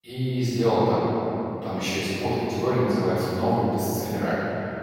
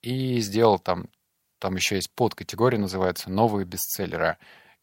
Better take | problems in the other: second | room echo; strong; dies away in 3 s // off-mic speech; far

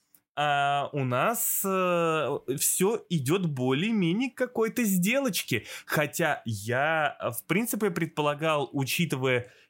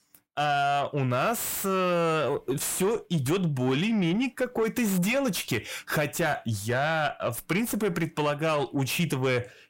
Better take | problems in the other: first | distortion; slight; 10 dB below the speech

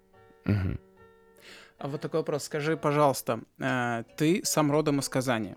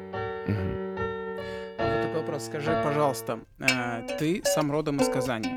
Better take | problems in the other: first | background music; loud; throughout; as loud as the speech; faint in the first

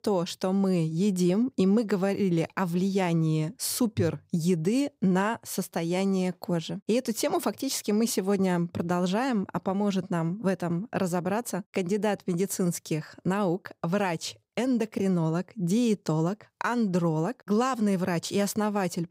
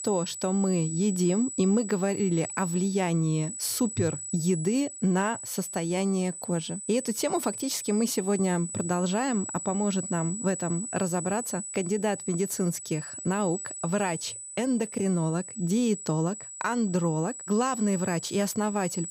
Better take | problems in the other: first | high-pitched whine; loud; throughout; 8 kHz, 8 dB below the speech

